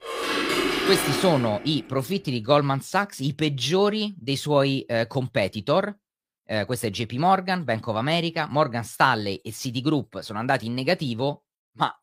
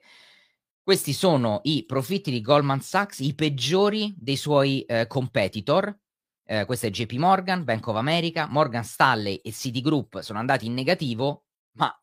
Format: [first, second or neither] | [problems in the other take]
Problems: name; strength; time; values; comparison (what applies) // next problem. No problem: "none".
second | clattering dishes; loud; until 1.5 s; peak 2 dB above the speech